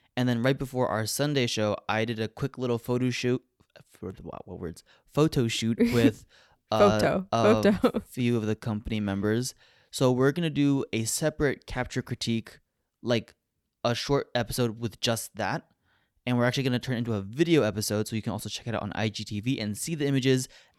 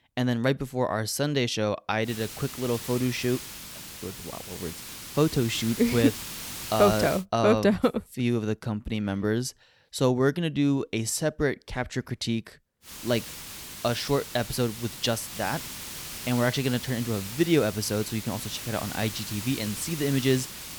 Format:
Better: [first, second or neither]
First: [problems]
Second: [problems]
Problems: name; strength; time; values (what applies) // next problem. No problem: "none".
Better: first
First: none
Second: hiss; loud; from 2 to 7 s and from 13 s on; 9 dB below the speech